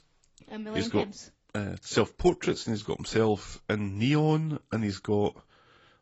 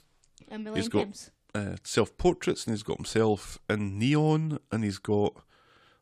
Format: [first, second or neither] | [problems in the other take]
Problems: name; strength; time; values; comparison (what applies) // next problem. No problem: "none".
second | garbled, watery; badly; nothing above 7.5 kHz